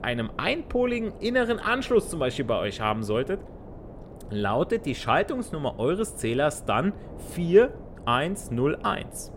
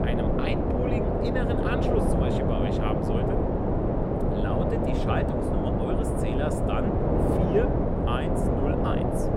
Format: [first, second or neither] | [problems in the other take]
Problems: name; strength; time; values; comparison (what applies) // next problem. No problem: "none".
first | wind noise on the microphone; heavy; 5 dB above the speech; occasional gusts in the first